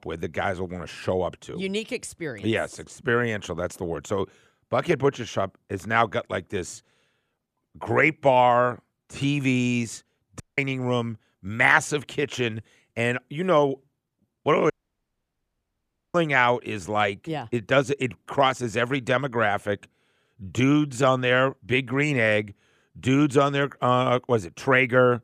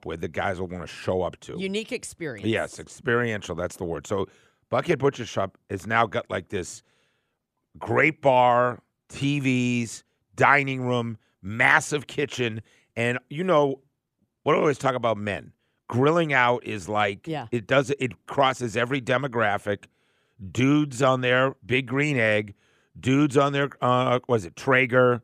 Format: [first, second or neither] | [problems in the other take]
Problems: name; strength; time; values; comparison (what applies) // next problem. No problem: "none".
second | audio cutting out; at 10 s and at 15 s for 1.5 s